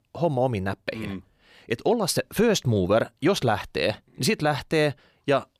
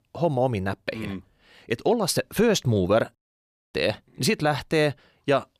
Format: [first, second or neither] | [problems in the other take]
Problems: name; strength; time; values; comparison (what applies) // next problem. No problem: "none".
first | audio cutting out; at 3 s for 0.5 s